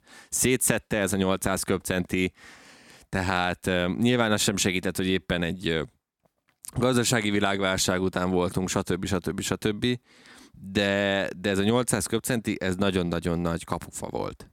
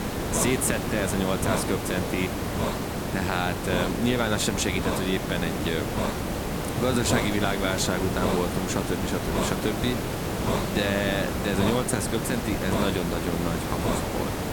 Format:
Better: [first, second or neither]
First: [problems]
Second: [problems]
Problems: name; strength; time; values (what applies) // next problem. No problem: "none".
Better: first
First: none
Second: hiss; loud; throughout; 1 dB below the speech